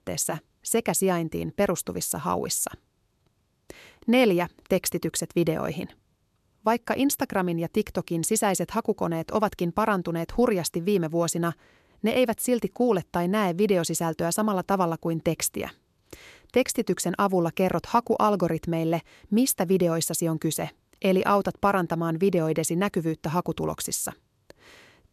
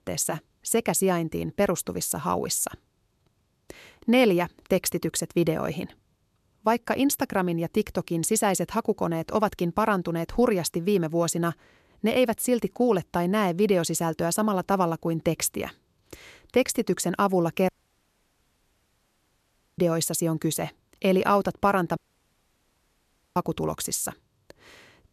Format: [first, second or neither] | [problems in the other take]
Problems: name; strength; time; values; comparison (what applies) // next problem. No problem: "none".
first | audio cutting out; at 18 s for 2 s and at 22 s for 1.5 s